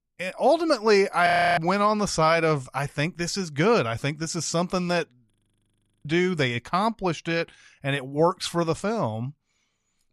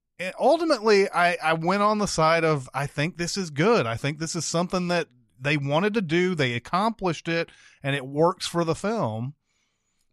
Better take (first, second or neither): second